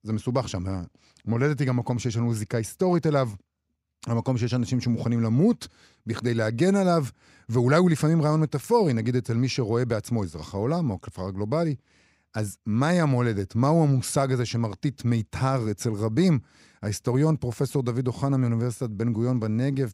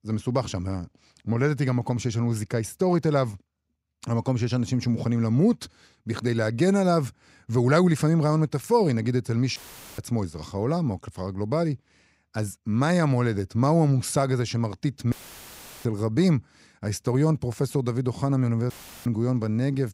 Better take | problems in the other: first | audio cutting out; filled with static; at 9.5 s, at 15 s for 0.5 s and at 19 s

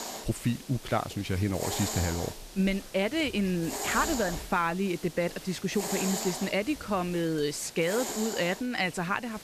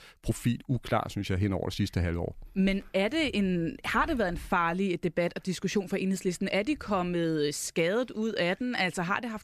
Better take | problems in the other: second | hiss; loud; throughout; 7 dB below the speech

